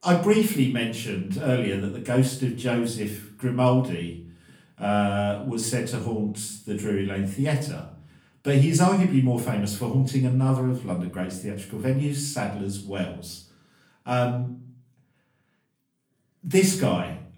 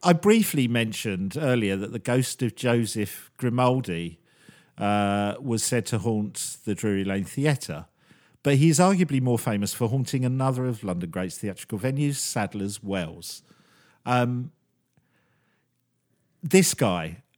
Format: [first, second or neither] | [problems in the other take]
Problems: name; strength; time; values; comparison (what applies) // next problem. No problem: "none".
second | off-mic speech; far // room echo; slight; dies away in 0.4 s